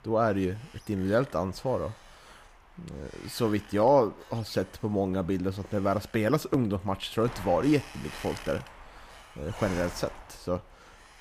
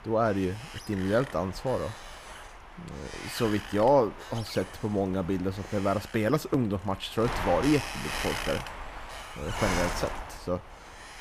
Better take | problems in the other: first | wind noise on the microphone; heavy; 7 dB below the speech; occasional gusts in the first

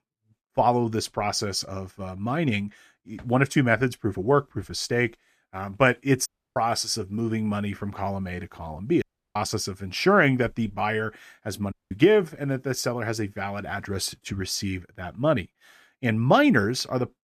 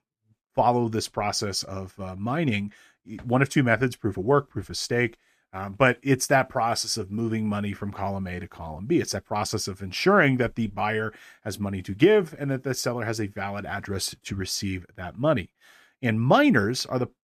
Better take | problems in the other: second | audio cutting out; at 6.5 s, at 9 s and at 12 s

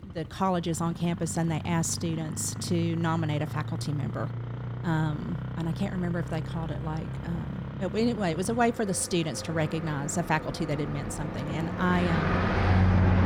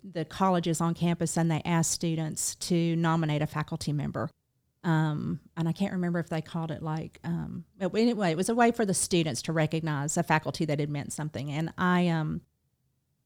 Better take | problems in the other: second | traffic noise; loud; throughout; 3 dB below the speech

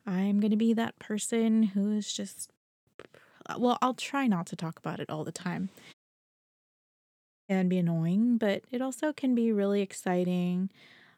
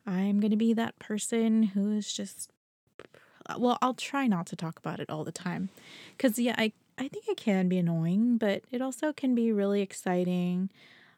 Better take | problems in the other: second | audio cutting out; at 6 s for 1.5 s

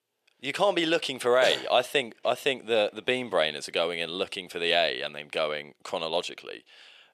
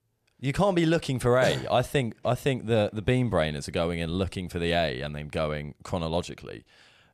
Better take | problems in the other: second | thin; somewhat; fading below 450 Hz

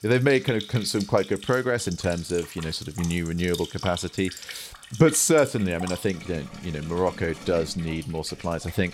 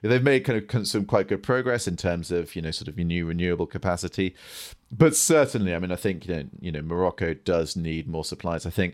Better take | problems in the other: second | household noises; noticeable; throughout; 15 dB below the speech

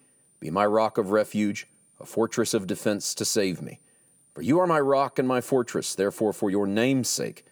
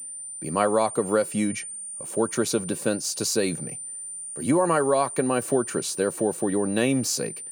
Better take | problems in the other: first | high-pitched whine; loud; throughout; 9 kHz, 9 dB below the speech; faint in the first

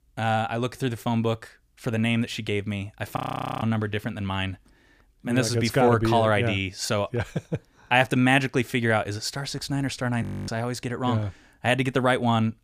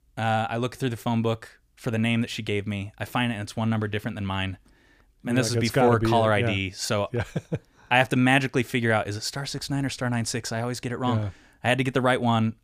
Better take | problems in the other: second | audio freezing; at 3 s and at 10 s

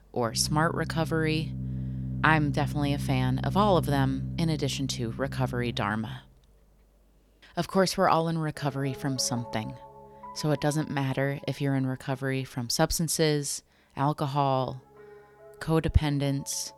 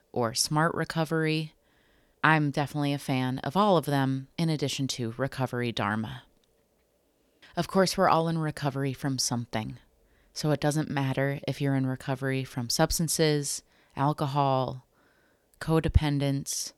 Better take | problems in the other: second | background music; loud; throughout; 8 dB below the speech

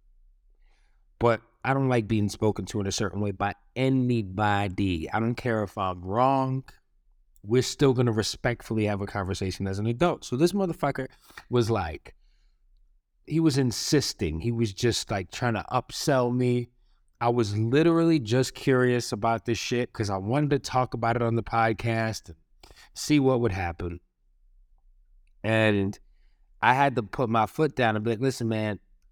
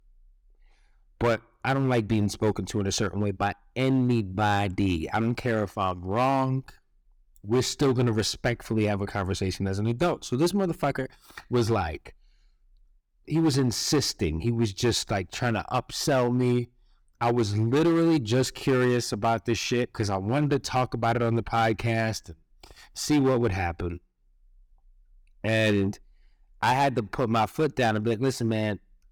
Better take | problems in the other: first | distortion; slight; 6% of the sound clipped

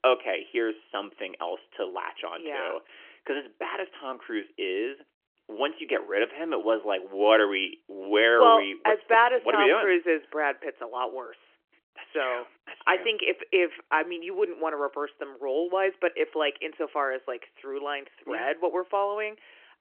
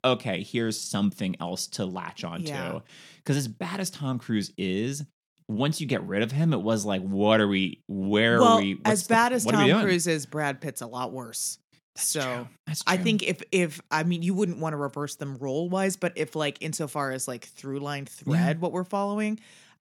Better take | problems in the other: second | phone-call audio; nothing above 3.5 kHz

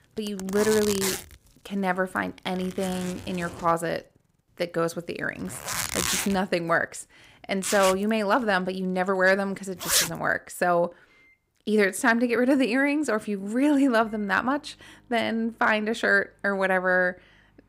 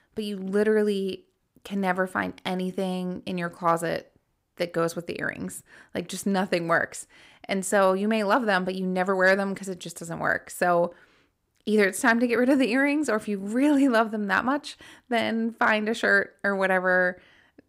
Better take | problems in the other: second | household noises; loud; throughout; 4 dB below the speech

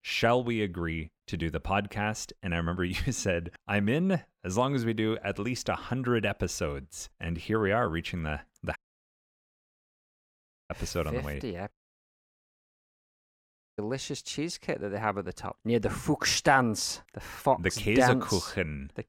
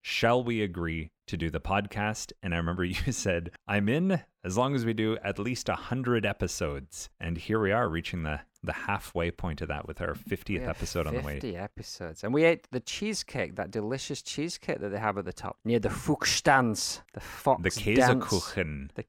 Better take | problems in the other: second | audio cutting out; at 9 s for 2 s and at 12 s for 2 s

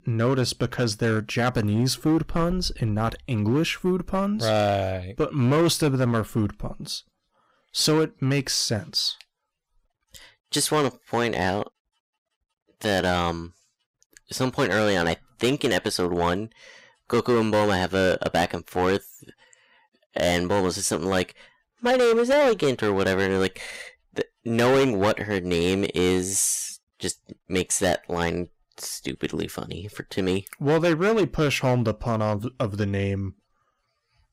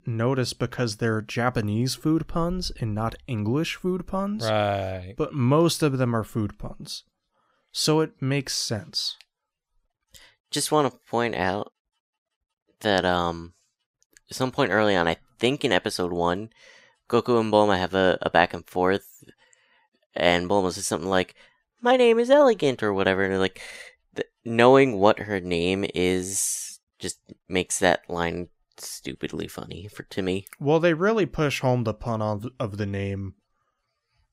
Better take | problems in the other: second | distortion; heavy; 7% of the sound clipped

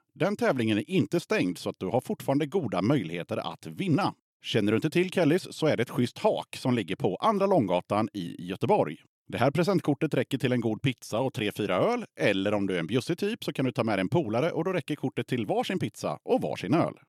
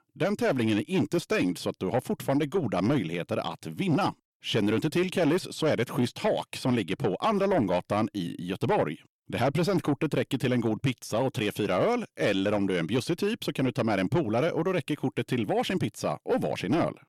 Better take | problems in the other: first | distortion; slight; 10 dB below the speech

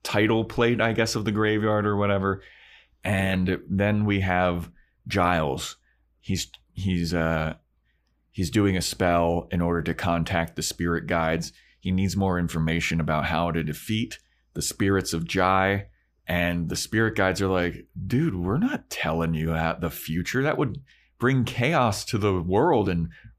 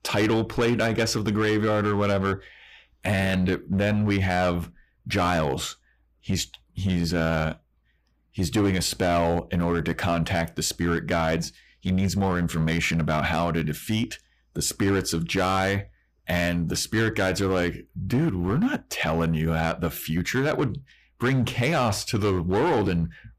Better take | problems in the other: first | distortion; slight; 8% of the sound clipped

